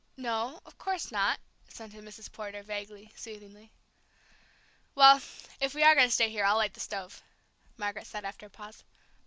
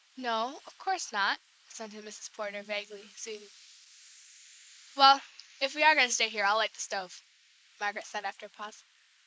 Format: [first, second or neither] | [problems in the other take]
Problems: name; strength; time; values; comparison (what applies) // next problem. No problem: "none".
first | noise reduction (neural mask model Resemble Enhance denoiser)